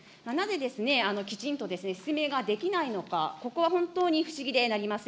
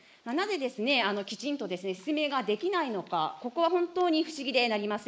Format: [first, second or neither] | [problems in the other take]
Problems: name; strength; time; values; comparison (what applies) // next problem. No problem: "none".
first | noise reduction (neural mask model Resemble Enhance denoiser)